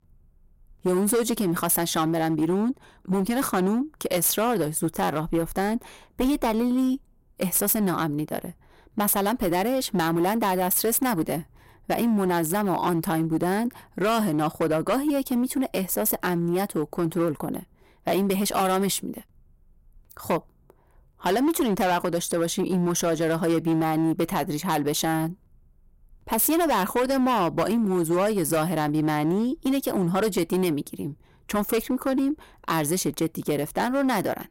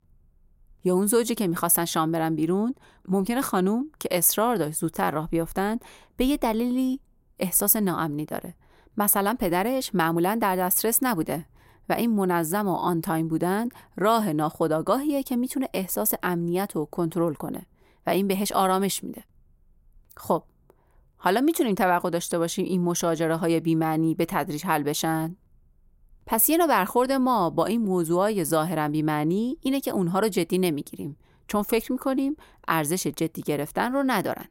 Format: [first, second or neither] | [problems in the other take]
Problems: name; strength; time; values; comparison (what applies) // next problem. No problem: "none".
second | distortion; slight; 10% of the sound clipped